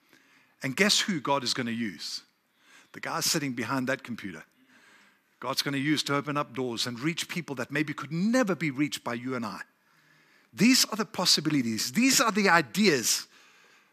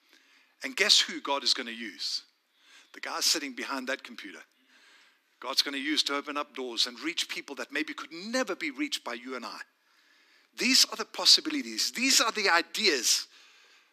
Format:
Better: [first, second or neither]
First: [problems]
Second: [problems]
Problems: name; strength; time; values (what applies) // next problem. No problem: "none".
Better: first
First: none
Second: thin; very slightly; fading below 250 Hz